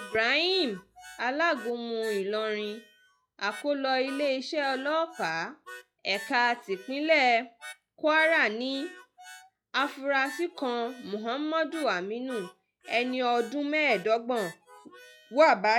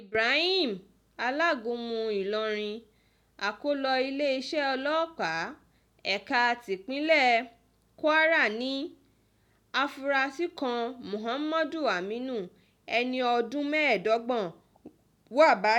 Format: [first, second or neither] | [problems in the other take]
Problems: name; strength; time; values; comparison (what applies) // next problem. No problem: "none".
second | noise reduction (classical method log-MMSE)